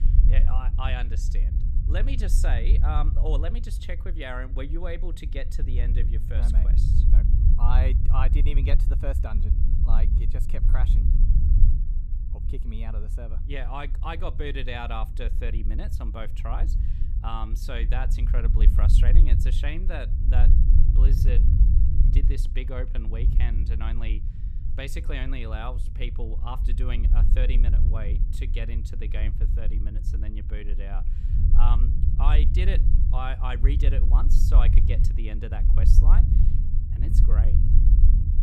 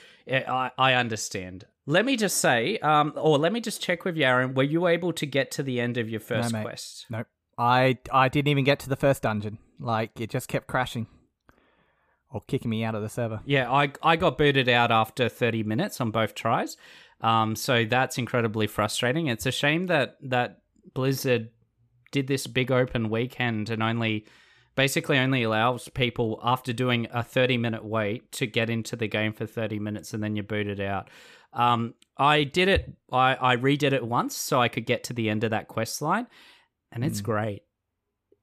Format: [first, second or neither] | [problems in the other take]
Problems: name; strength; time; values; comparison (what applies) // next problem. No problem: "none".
second | low rumble; loud; throughout; 6 dB below the speech